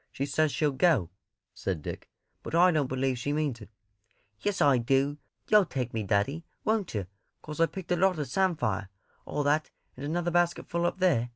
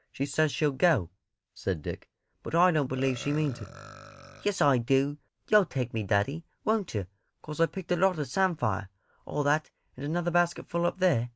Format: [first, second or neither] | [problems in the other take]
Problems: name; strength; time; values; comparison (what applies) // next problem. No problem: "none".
first | background sound (Burping, eructation); 18 dB below the speech